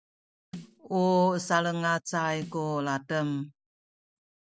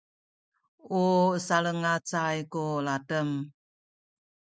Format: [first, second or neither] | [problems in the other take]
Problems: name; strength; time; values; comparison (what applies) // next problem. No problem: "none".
second | background sound (Snare drum); 20 dB below the speech